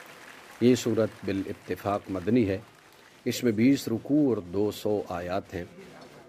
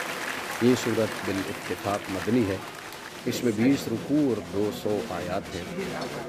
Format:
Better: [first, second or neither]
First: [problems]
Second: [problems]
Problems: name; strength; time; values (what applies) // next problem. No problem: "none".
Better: first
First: crowd noise; faint; throughout; 20 dB below the speech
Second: crowd noise; loud; throughout; 7 dB below the speech